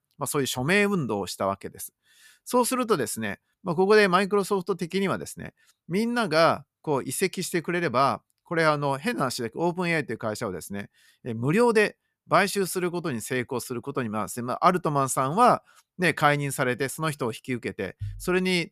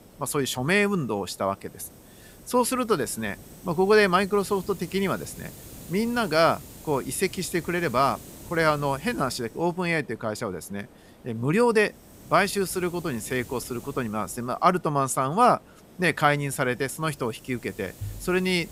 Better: first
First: none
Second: hiss; faint; throughout; 20 dB below the speech

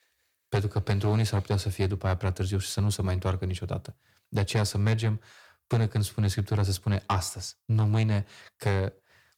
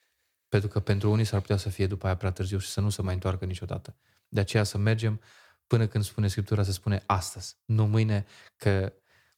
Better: second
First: distortion; slight; 10 dB below the speech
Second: none

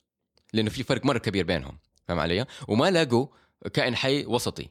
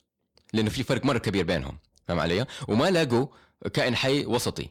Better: first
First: none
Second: distortion; slight; 10 dB below the speech

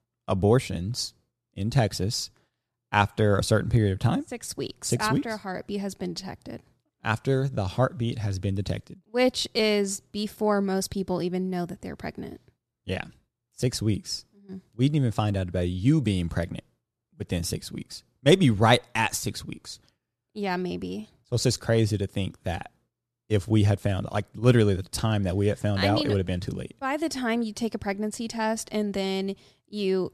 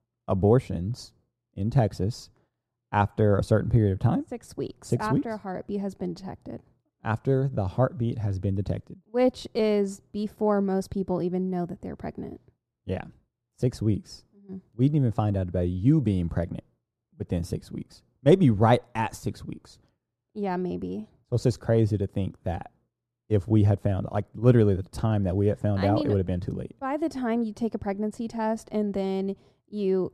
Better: first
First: none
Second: muffled; slightly; fading above 1.5 kHz

